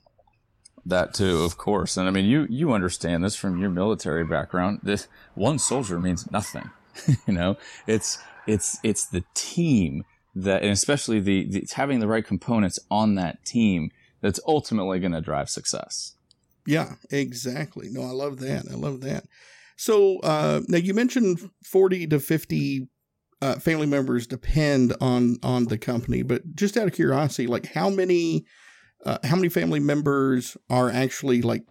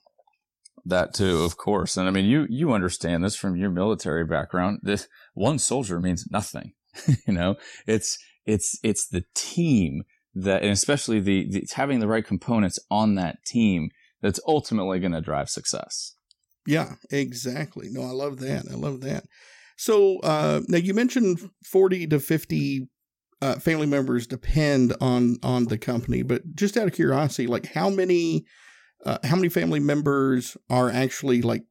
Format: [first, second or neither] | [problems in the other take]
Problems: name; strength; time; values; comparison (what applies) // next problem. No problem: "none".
second | traffic noise; faint; throughout; 25 dB below the speech